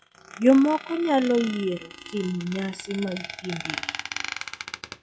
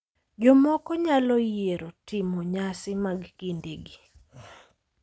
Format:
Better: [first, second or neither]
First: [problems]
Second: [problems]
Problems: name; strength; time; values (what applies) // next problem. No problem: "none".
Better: second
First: noise reduction (classical method log-MMSE)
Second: none